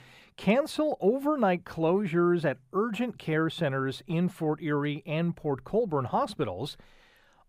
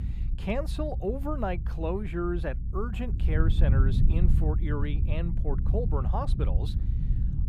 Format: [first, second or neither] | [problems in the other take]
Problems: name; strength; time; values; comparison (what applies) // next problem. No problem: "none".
first | low rumble; loud; throughout; 9 dB below the speech